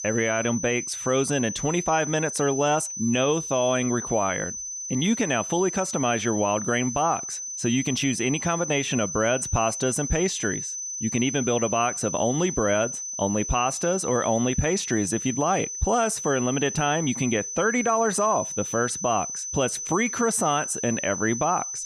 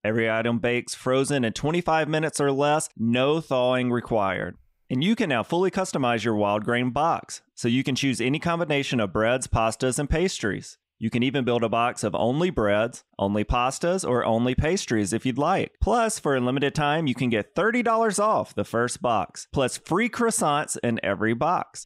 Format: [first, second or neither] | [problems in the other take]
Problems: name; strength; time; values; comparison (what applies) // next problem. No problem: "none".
second | high-pitched whine; loud; throughout; 6 kHz, 5 dB below the speech